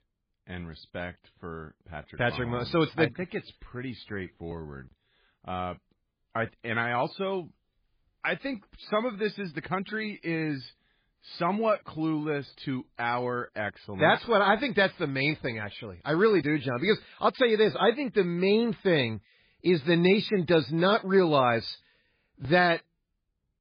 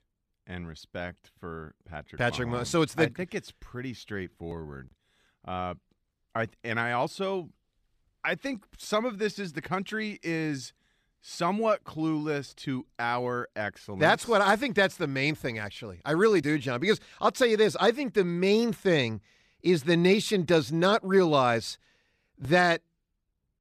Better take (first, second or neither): second